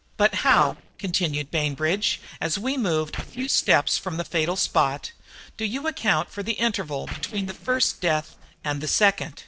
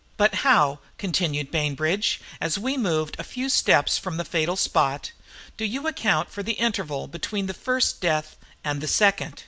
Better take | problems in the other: second | noise reduction (neural separator model SepFormer DNS4)

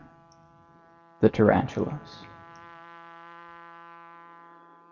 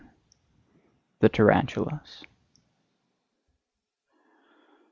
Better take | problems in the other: second | background sound (Trumpet); 20 dB below the speech // room echo; dies away in 2 s

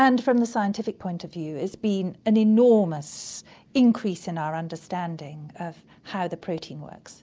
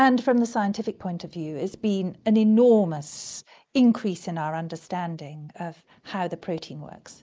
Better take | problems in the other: first | noise reduction (neural mask model Resemble Enhance denoiser)

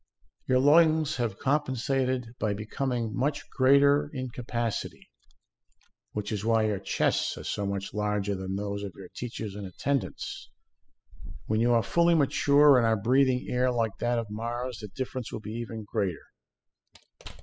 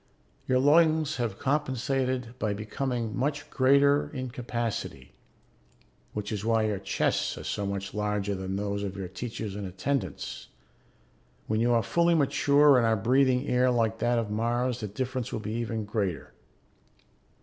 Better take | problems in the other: second | noise reduction (classical method spectral subtraction)

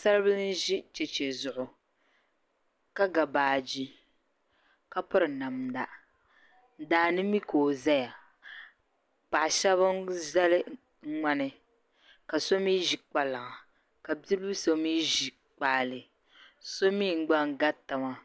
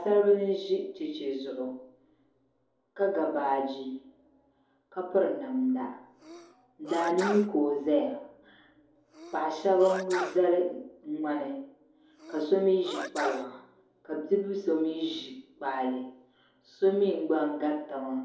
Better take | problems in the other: first | background sound (Sneeze); 11 dB below the speech // room echo; dies away in 2.6 s

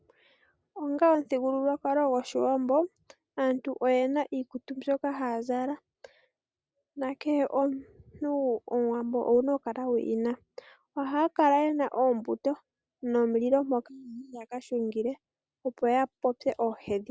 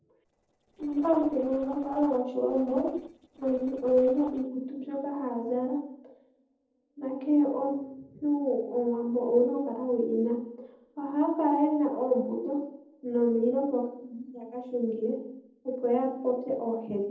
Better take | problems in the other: first | noise reduction (neural separator model SepFormer DNS4)

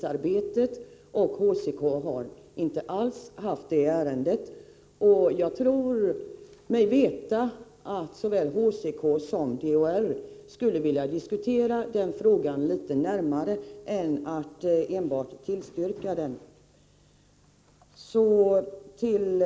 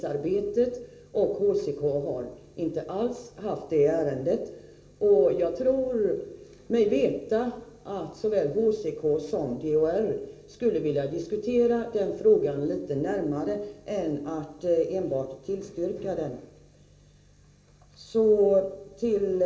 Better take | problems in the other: first | room echo; dies away in 1.3 s

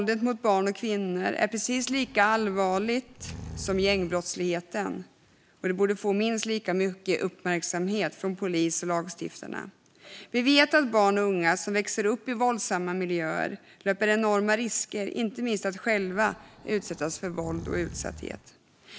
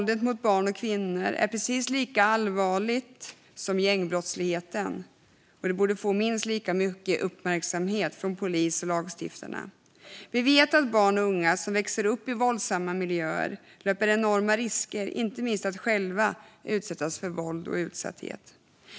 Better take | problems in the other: second | background sound (Breathing); 16 dB below the speech

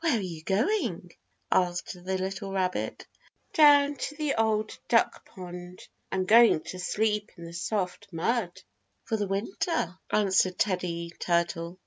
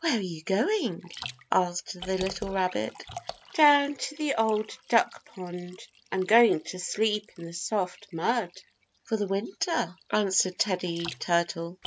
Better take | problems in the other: first | background sound (Liquid); 19 dB below the speech

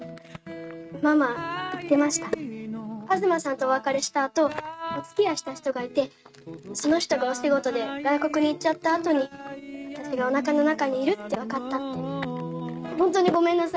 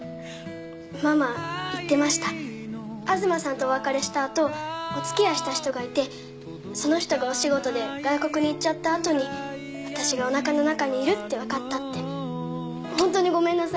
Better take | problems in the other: second | noise reduction (neural mask model RNNoise)

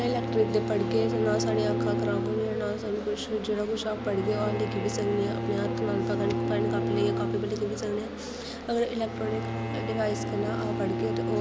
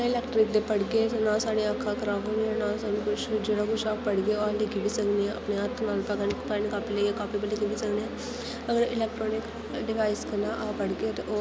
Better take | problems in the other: second | background sound (Bowed string instrument); 2 dB below the speech

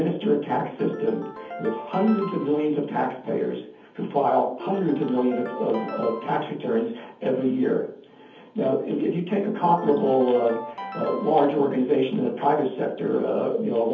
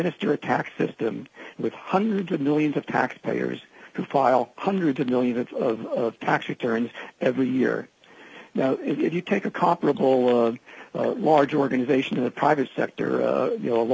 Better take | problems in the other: second | background sound (Ringtone); 13 dB below the speech // room echo; dies away in 0.7 s

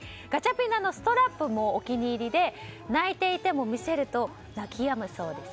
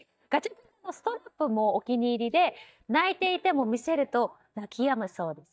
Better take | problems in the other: first | noise reduction (neural mask model DeepFilterNet 3)

